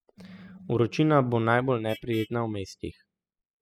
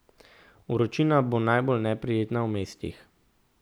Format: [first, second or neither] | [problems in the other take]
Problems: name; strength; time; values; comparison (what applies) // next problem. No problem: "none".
second | noise reduction (classical method spectral subtraction)